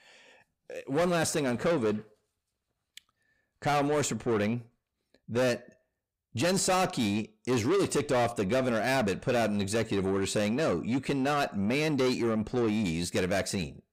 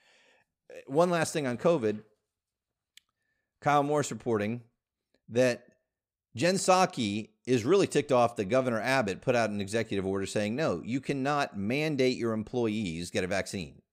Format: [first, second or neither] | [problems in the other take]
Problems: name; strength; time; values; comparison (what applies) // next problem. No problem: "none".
second | distortion; heavy; 7 dB below the speech